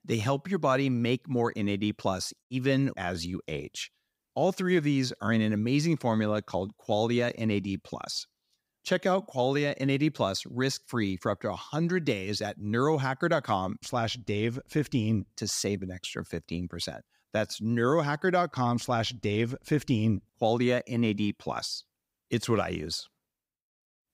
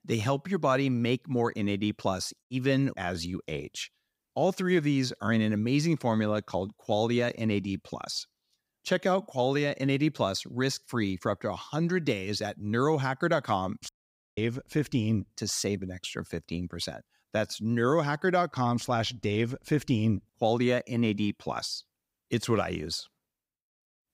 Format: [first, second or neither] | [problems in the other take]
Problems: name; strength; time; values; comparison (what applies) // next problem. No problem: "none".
first | audio cutting out; at 14 s